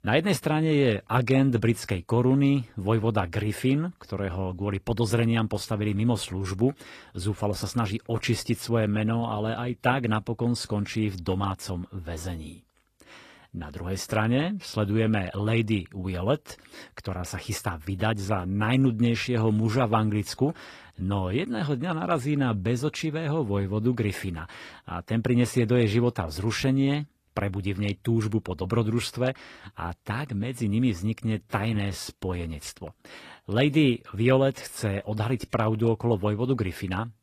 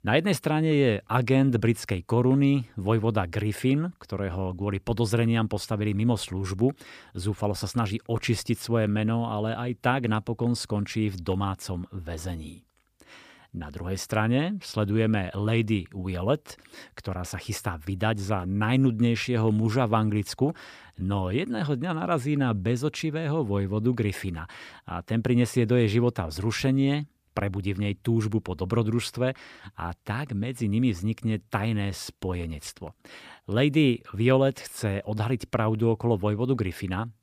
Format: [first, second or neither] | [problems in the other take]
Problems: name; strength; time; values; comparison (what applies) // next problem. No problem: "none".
second | garbled, watery; slightly; nothing above 15 kHz